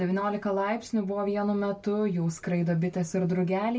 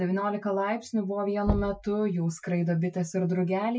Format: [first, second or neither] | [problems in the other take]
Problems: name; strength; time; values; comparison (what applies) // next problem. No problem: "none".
first | noise reduction (classical method Wiener filter)